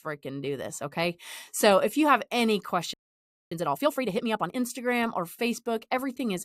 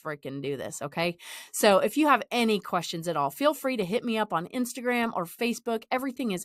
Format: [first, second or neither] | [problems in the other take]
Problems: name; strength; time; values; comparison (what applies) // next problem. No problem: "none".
second | audio freezing; at 3 s for 0.5 s